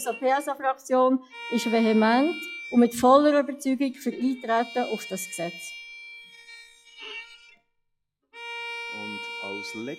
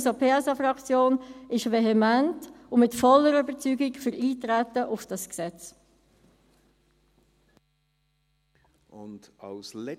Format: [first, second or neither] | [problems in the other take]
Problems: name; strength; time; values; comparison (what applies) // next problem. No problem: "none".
second | noise reduction (classical method log-MMSE)